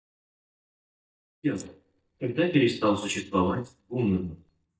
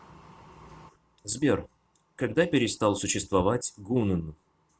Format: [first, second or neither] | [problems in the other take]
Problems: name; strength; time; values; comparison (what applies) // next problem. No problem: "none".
second | noise reduction (neural mask model DeepFilterNet 3)